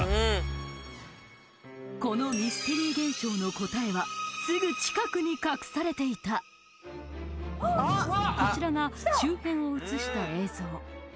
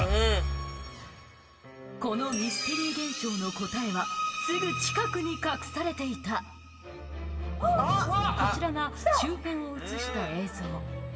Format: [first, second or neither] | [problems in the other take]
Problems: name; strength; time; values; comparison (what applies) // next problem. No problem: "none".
first | background sound (Guitar); 17 dB below the speech // room echo; dies away in 0.8 s